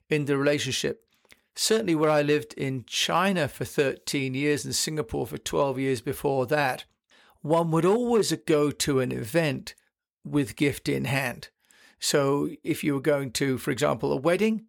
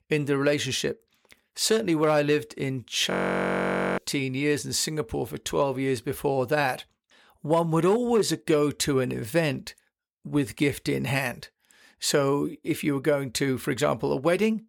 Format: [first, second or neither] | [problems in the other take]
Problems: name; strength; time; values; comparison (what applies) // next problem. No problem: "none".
first | audio freezing; at 3 s for 1 s